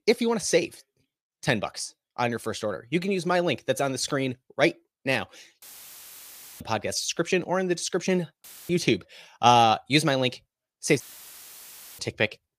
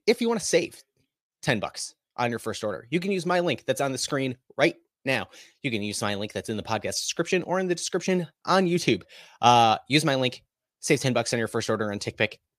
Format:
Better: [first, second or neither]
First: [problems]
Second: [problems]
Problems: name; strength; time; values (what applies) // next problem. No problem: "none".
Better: second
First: audio cutting out; filled with static; at 5.5 s for 1 s, at 8.5 s and at 11 s for 1 s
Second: none